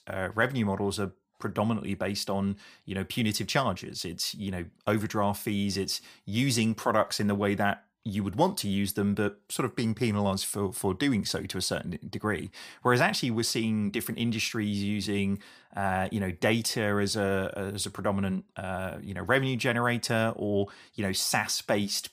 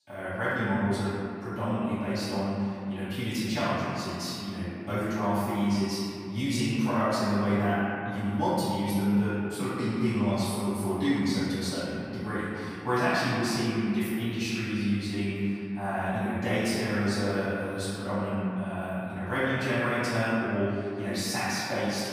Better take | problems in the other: first | off-mic speech; far // room echo; strong; dies away in 2.5 s

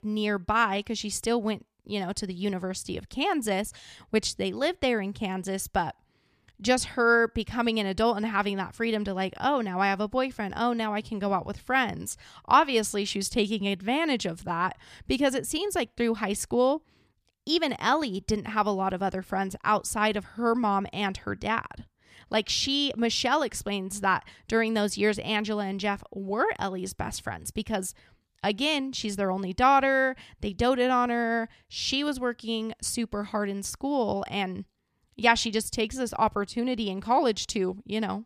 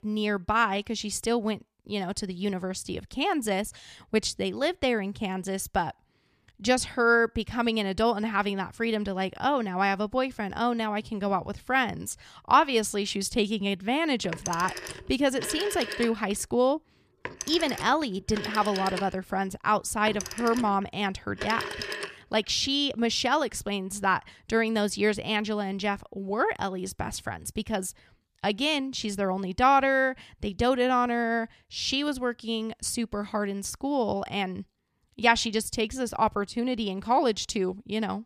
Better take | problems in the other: first | phone ringing; noticeable; from 14 to 22 s; peak 6 dB below the speech

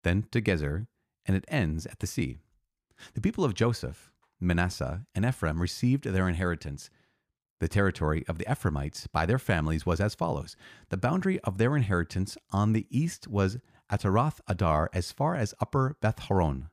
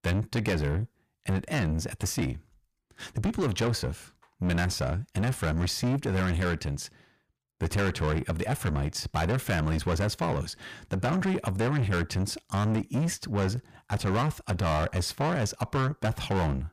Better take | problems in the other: first | distortion; heavy; 7 dB below the speech

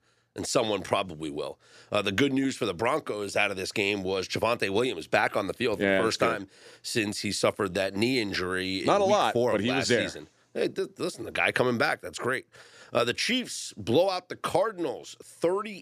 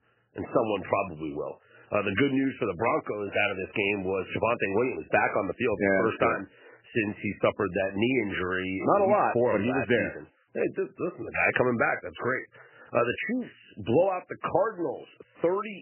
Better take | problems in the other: first | garbled, watery; badly; nothing above 3 kHz

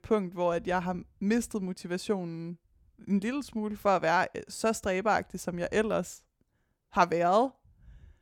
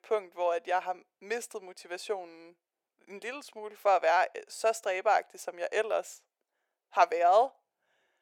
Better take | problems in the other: first | thin; very; fading below 450 Hz

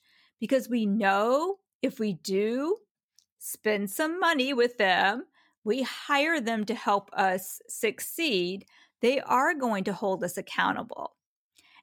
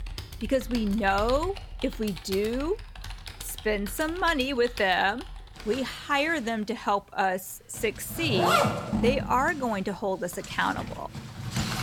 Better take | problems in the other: first | household noises; loud; throughout; 6 dB below the speech

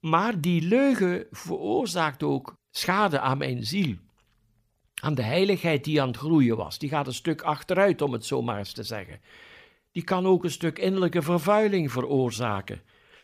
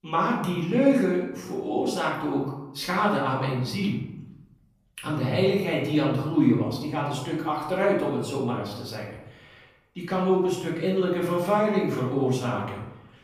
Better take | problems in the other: first | room echo; noticeable; dies away in 0.8 s // off-mic speech; far

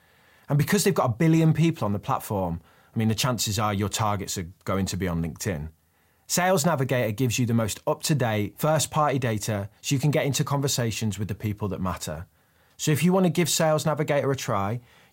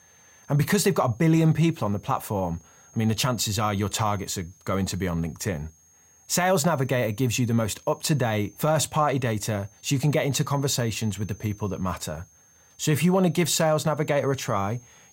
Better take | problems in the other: first | high-pitched whine; faint; throughout; 6.5 kHz, 30 dB below the speech

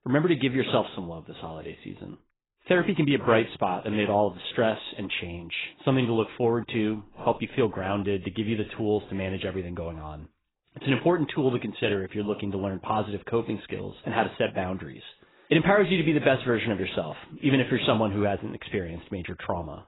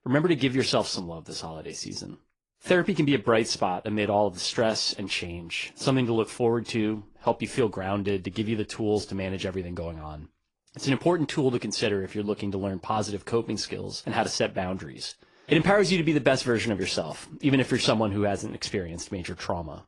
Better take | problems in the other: second | garbled, watery; badly; nothing above 4 kHz; slightly in the second

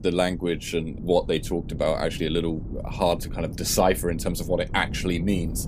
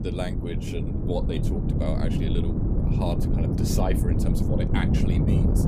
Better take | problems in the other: first | wind noise on the microphone; heavy; as loud as the speech; occasional gusts in the first

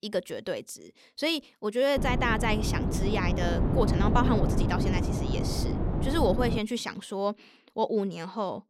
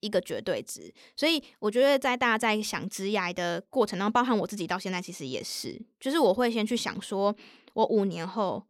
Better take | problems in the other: second | wind noise on the microphone; heavy; from 2 to 6.5 s; 5 dB below the speech

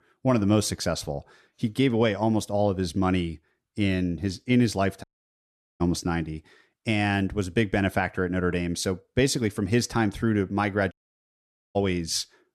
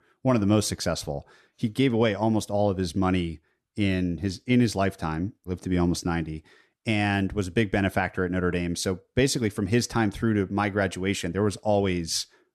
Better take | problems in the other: second | audio cutting out; at 5 s for 1 s and at 11 s for 1 s

